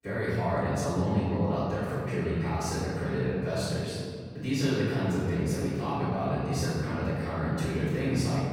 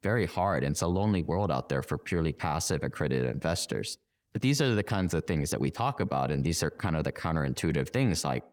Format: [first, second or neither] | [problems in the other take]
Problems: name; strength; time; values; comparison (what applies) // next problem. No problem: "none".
second | room echo; strong; dies away in 2.2 s // off-mic speech; far